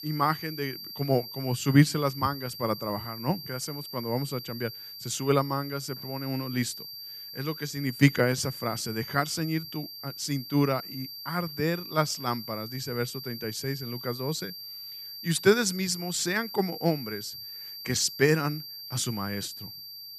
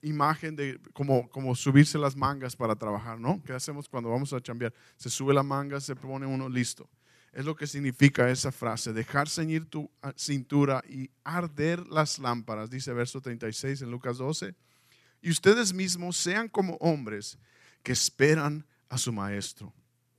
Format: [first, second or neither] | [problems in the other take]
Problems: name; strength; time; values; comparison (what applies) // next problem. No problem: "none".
second | high-pitched whine; loud; throughout; 4.5 kHz, 10 dB below the speech